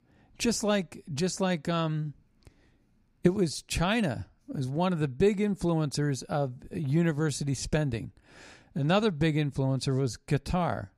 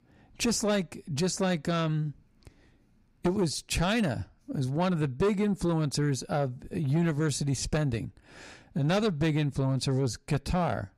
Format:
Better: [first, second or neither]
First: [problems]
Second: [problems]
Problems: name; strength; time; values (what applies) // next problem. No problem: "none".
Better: first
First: none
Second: distortion; slight; 10 dB below the speech